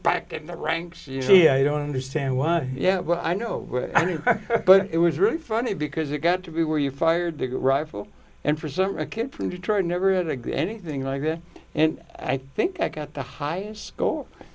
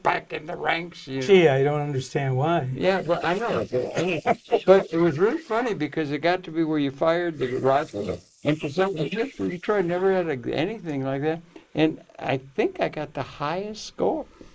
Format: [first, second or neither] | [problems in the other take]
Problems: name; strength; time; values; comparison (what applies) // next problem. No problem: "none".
first | noise reduction (neural mask model Resemble Enhance denoiser)